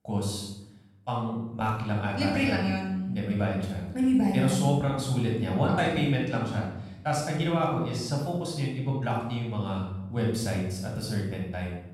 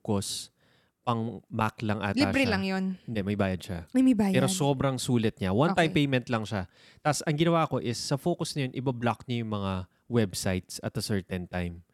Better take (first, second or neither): second